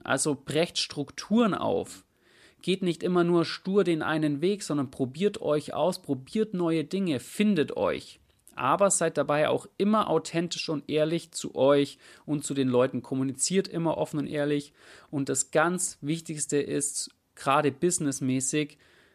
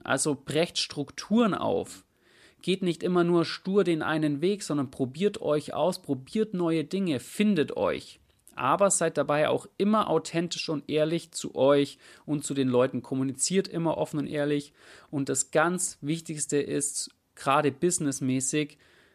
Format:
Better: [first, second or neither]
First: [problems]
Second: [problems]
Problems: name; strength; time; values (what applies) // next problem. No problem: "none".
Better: neither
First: none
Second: none